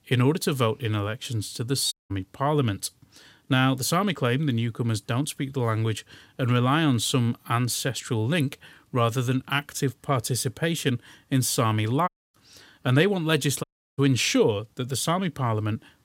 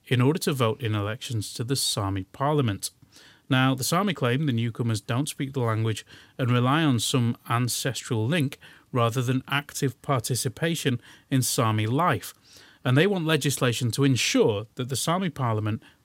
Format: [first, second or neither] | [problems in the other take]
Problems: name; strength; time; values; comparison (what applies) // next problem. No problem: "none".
second | audio cutting out; at 2 s, at 12 s and at 14 s